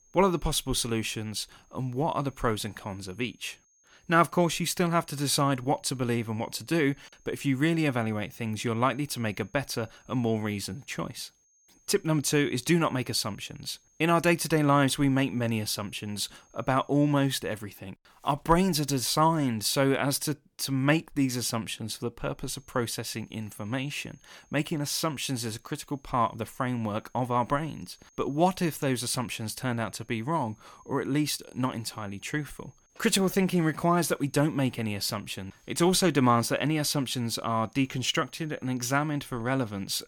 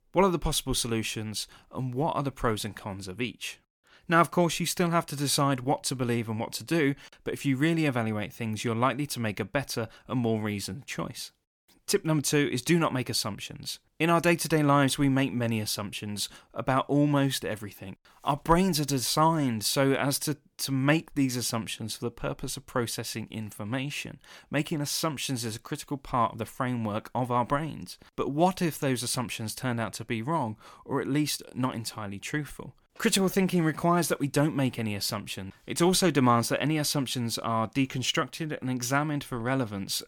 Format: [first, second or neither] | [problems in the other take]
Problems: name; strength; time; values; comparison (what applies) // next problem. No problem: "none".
second | high-pitched whine; faint; until 18 s and from 22 s on; 6.5 kHz, 35 dB below the speech